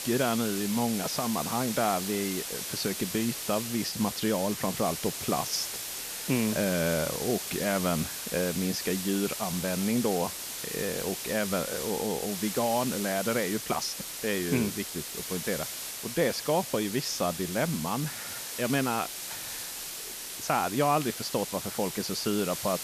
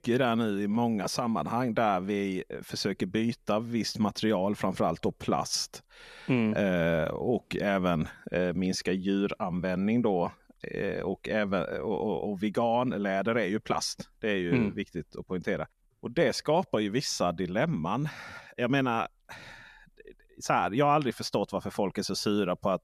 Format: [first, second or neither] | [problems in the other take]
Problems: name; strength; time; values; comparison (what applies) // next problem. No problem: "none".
second | hiss; loud; throughout; 4 dB below the speech